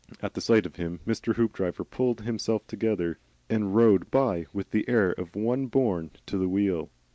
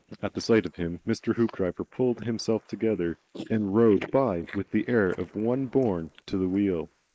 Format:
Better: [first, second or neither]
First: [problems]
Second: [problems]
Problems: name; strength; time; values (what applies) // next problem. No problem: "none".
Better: first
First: none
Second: noise reduction (neural mask model Resemble Enhance denoiser)